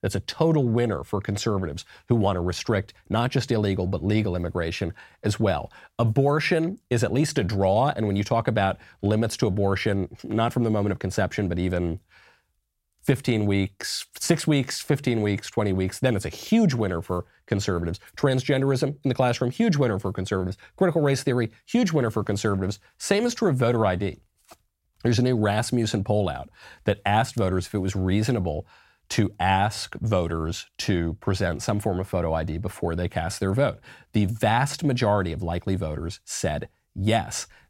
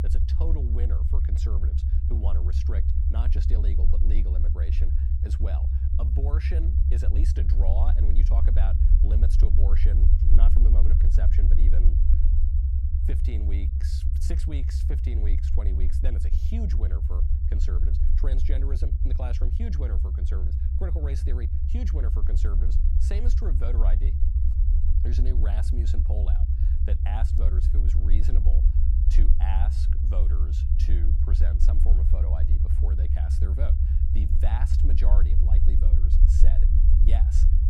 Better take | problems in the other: first | low rumble; loud; throughout; as loud as the speech

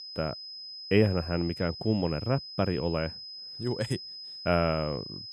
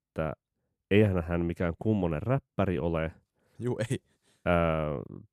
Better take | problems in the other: second | high-pitched whine; loud; throughout; 5 kHz, 10 dB below the speech

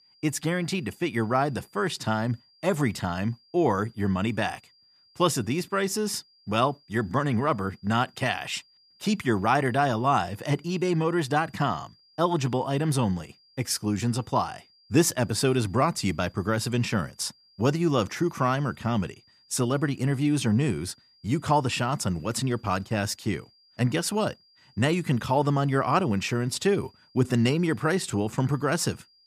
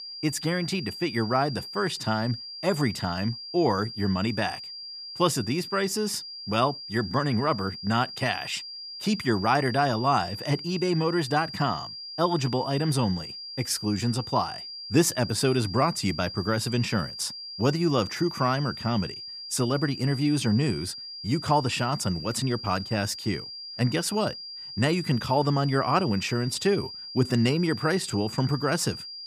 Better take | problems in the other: first | high-pitched whine; loud; throughout; 5 kHz, 10 dB below the speech; faint in the first

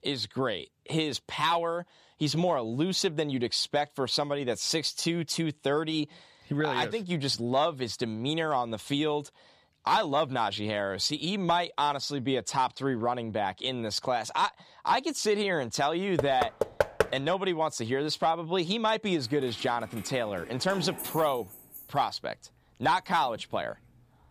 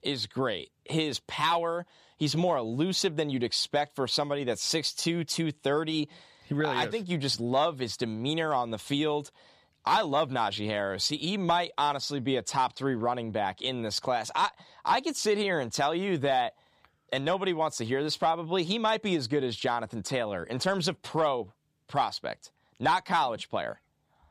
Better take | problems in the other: second | door banging; loud; at 16 s; peak 1 dB above the speech // jangling keys; noticeable; from 19 to 24 s; peak 8 dB below the speech

